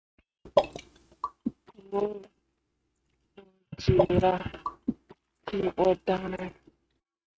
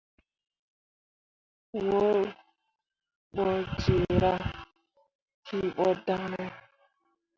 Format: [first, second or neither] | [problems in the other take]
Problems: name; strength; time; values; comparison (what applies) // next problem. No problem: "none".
second | noise reduction (neural mask model RNNoise)